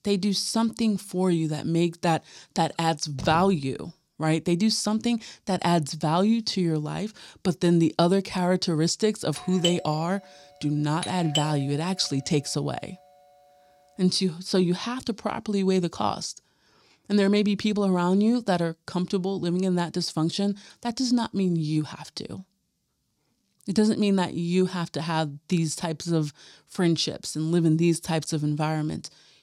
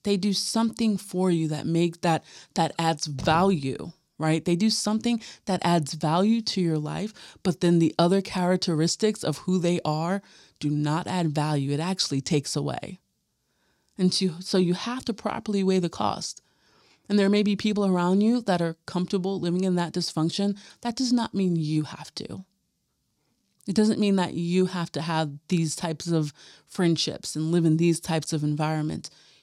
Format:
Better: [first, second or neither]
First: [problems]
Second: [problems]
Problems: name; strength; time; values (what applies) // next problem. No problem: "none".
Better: second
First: doorbell; noticeable; from 9.5 to 12 s; peak 3 dB below the speech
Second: none